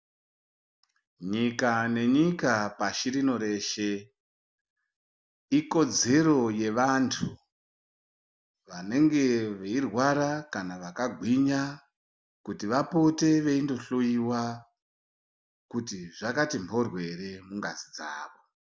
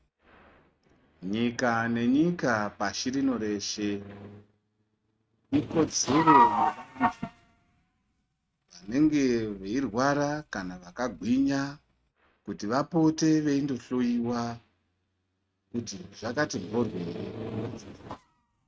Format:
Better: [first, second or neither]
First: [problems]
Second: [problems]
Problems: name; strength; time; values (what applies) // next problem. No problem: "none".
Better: first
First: none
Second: noise reduction (neural mask model RNNoise)